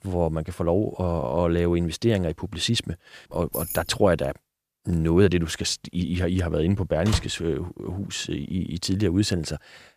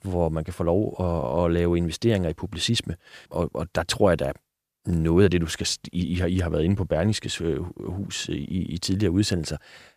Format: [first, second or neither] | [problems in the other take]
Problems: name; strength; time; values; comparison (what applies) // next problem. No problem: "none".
second | jangling keys; noticeable; at 3.5 s; peak 6 dB below the speech // door banging; noticeable; at 7 s; peak 5 dB below the speech